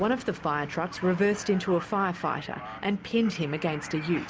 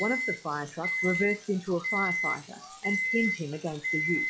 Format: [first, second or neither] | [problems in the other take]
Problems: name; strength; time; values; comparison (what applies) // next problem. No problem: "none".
first | noise reduction (classical method log-MMSE)